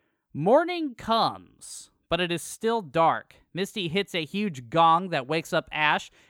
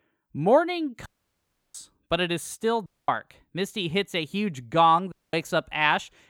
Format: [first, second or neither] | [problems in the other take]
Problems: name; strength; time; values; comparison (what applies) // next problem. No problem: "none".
first | audio cutting out; at 1 s for 0.5 s, at 3 s and at 5 s